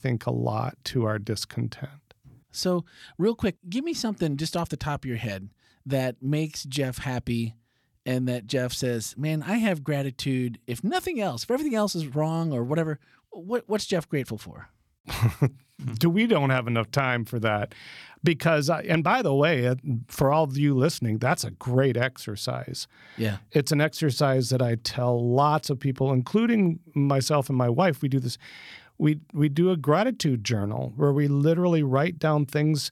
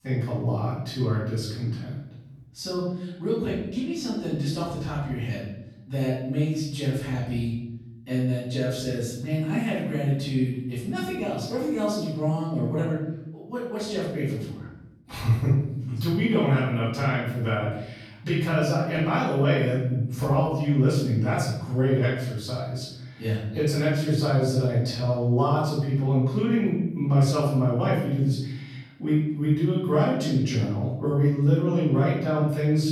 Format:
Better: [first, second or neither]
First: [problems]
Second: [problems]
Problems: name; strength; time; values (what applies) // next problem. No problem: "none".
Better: first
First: none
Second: off-mic speech; far // room echo; noticeable; dies away in 0.9 s